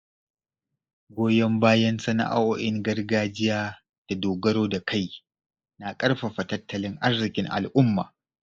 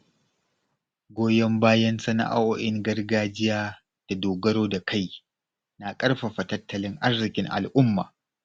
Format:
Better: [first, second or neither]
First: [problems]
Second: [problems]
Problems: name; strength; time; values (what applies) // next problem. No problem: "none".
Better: second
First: noise reduction (neural mask model Resemble Enhance denoiser)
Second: none